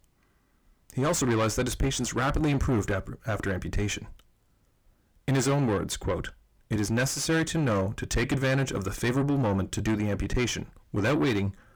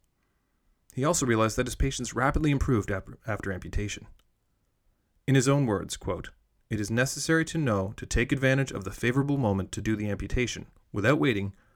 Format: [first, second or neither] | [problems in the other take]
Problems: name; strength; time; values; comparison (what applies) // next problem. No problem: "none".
second | distortion; heavy; 8 dB below the speech